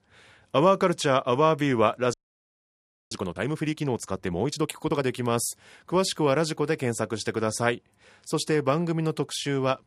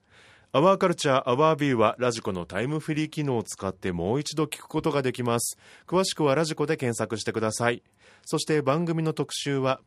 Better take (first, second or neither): second